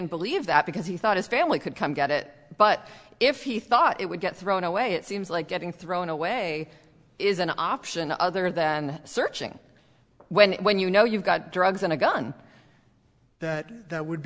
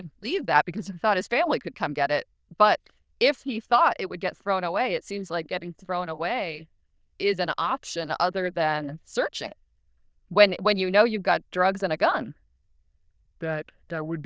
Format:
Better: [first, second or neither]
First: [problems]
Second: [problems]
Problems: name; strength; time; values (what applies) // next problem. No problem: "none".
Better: first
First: none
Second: noise reduction (neural diffusion model UNIVERSE++)